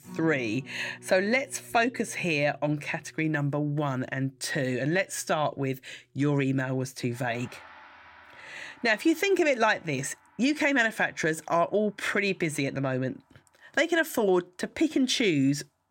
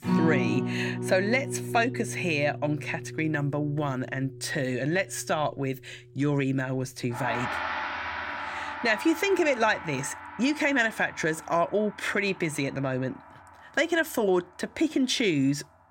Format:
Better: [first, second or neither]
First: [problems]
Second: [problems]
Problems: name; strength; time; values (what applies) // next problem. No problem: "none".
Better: first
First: background music; faint; throughout; 25 dB below the speech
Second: background music; loud; throughout; 7 dB below the speech